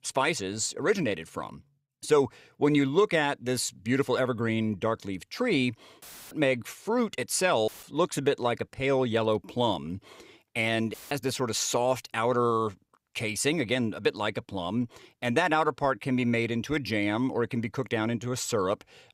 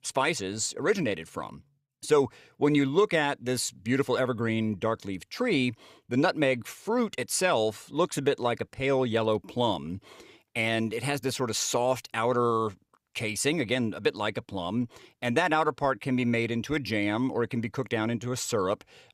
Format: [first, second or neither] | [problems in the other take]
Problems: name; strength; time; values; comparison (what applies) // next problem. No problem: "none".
second | audio cutting out; filled with static; at 6 s, at 7.5 s and at 11 s